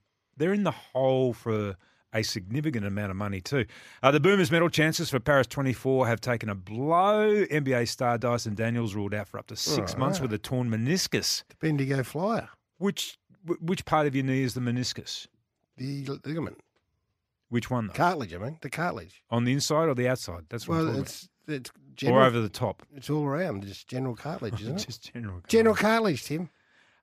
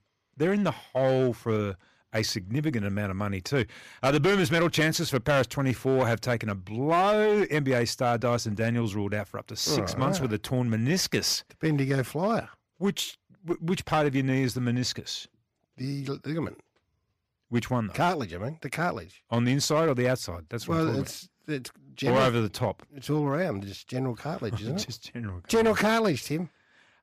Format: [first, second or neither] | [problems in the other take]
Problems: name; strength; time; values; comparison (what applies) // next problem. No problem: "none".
first | distortion; slight; 5% of the sound clipped